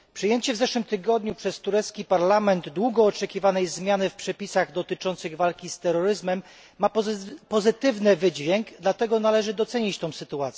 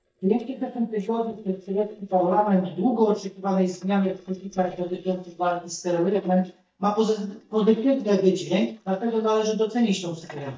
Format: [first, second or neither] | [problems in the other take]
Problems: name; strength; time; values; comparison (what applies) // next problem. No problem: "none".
first | noise reduction (neural mask model DeepFilterNet 3)